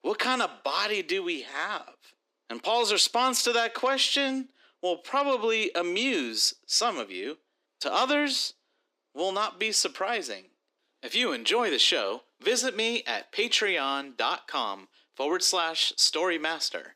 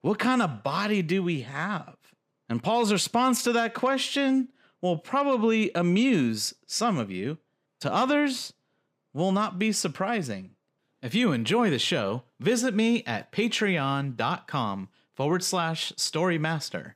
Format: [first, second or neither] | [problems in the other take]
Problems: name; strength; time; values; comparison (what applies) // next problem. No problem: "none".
second | thin; somewhat; fading below 300 Hz